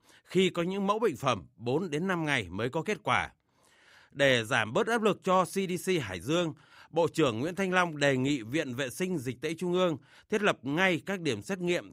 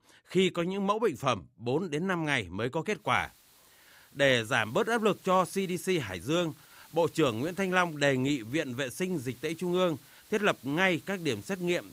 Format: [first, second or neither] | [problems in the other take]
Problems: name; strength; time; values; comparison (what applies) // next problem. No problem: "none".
first | hiss; faint; from 3 s on; 25 dB below the speech